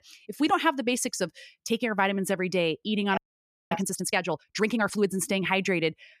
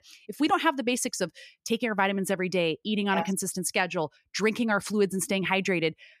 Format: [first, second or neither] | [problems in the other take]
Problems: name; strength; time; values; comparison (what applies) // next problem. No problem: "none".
second | audio freezing; at 3 s for 0.5 s